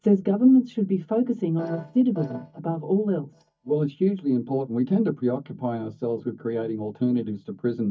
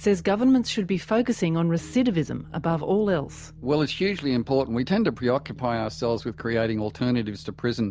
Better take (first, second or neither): second